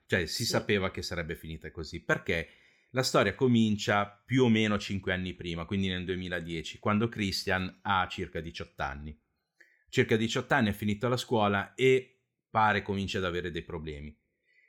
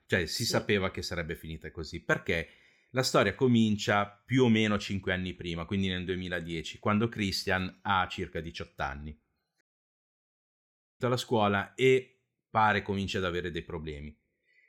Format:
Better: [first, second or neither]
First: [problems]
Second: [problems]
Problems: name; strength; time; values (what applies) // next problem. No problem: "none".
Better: first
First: none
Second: audio cutting out; at 9.5 s for 1.5 s